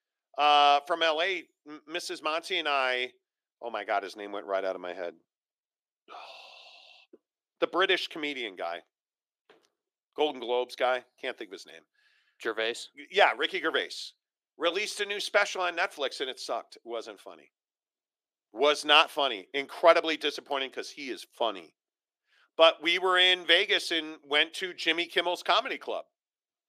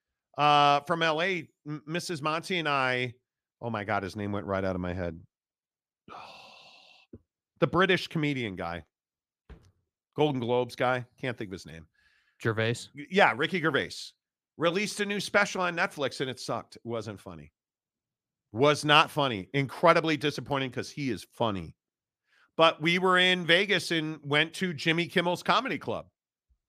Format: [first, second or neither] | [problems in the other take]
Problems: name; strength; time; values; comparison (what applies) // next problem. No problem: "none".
second | thin; very; fading below 350 Hz